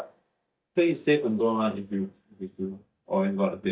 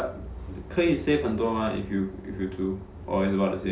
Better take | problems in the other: second | noise reduction (neural mask model DeepFilterNet 3)

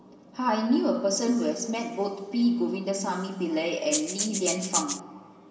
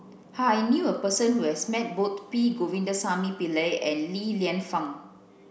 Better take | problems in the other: second | background sound (Rattle (instrument)); 2 dB below the speech // room echo; dies away in 2.2 s

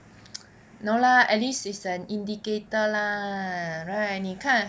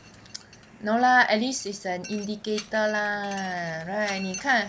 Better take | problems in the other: first | background sound (Mechanisms); 18 dB below the speech

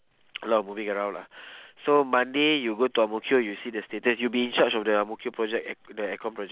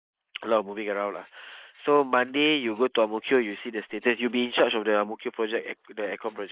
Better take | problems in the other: first | noise reduction (neural mask model Resemble Enhance denoiser)

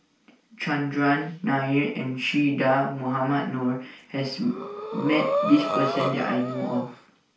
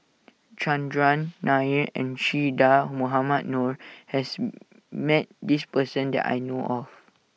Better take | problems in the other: second | background sound (Breathing); 4 dB below the speech // room echo; dies away in 0.4 s

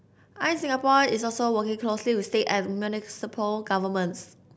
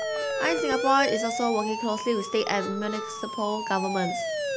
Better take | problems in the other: first | background sound (Siren); 3 dB below the speech

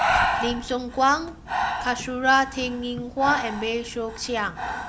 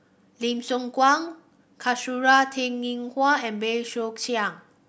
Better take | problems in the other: second | background sound (Breathing); 3 dB below the speech

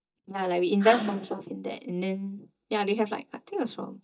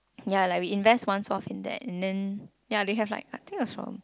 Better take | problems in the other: second | noise reduction (neural mask model DeepFilterNet 3)

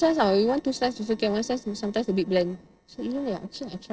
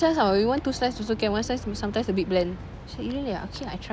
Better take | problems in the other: second | noise reduction (neural separator model SepFormer DNS4)

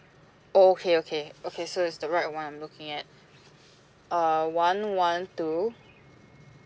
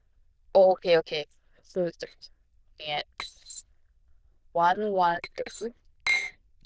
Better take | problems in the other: first | noise reduction (neural diffusion model UNIVERSE++)

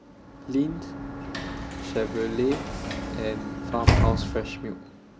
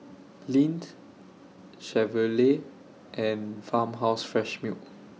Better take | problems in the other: second | background sound (Sliding door / Slam); 2 dB above the speech

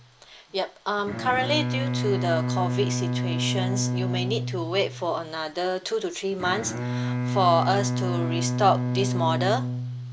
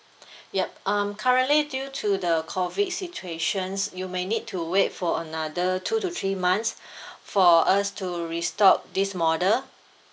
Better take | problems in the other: second | background sound (Bowed string instrument); 1 dB below the speech

